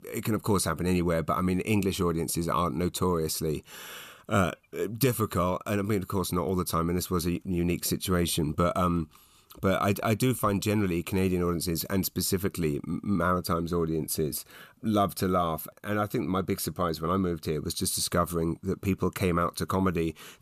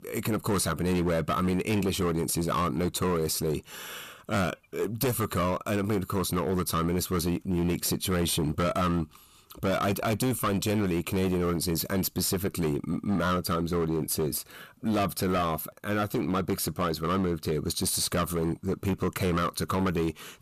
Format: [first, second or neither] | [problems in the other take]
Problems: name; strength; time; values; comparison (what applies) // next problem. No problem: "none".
first | distortion; slight; 16% of the sound clipped